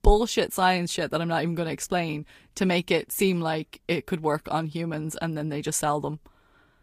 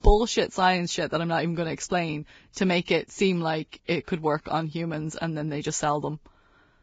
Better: first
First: garbled, watery; slightly; nothing above 15 kHz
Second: garbled, watery; badly; nothing above 7.5 kHz

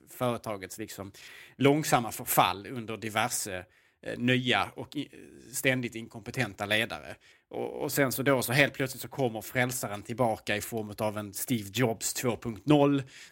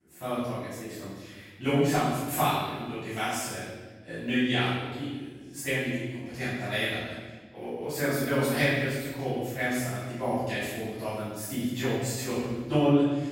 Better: first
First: none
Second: room echo; strong; dies away in 1.4 s // off-mic speech; far

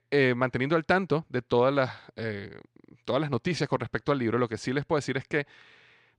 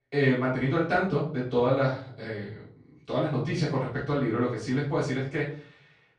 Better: first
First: none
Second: off-mic speech; far // room echo; noticeable; dies away in 0.4 s

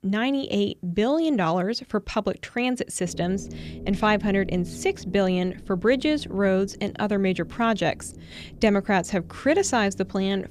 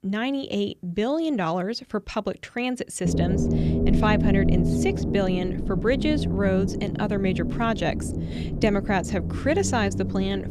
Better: first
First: low rumble; faint; from 3 s on; 20 dB below the speech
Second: low rumble; loud; from 3 s on; 6 dB below the speech

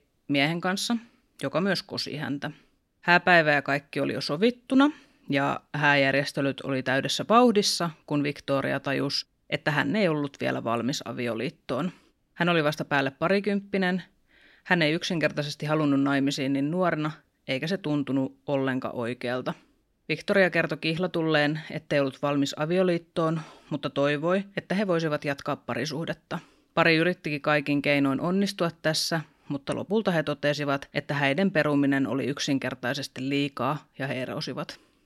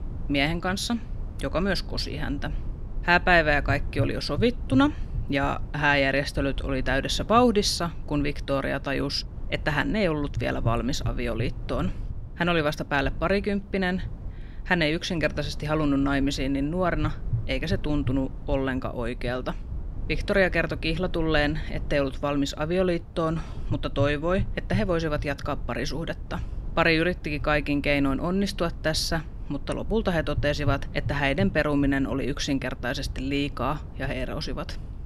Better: first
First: none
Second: low rumble; faint; throughout; 25 dB below the speech

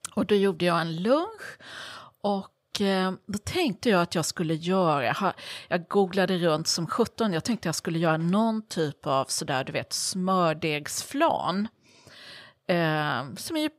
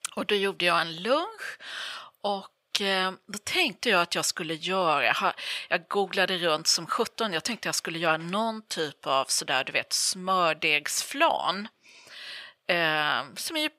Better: first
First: none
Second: thin; somewhat; fading below 800 Hz

